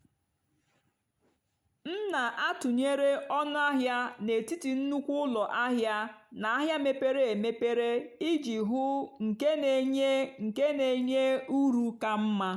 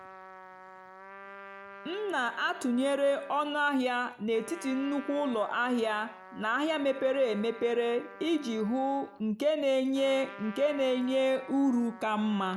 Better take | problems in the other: first | background sound (Trumpet); 18 dB below the speech

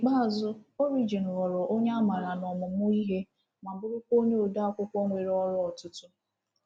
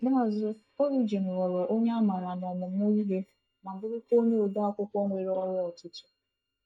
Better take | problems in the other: first | noise reduction (neural mask model DeepFilterNet 3)

